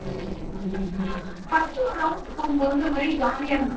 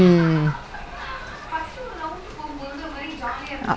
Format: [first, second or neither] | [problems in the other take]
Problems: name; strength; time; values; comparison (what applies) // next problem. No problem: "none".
second | noise reduction (neural separator model SepFormer DNS4)